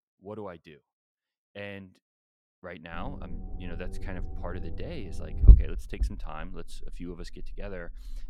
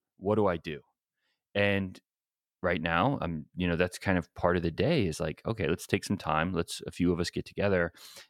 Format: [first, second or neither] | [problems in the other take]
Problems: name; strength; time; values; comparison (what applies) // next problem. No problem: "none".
second | low rumble; very faint; from 3 s on; 3 dB below the speech